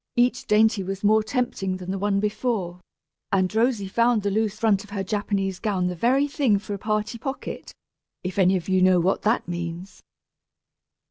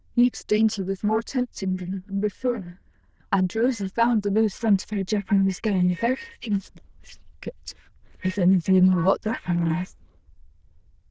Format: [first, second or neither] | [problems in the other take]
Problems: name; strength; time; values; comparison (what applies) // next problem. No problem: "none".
first | noise reduction (neural diffusion model UNIVERSE++)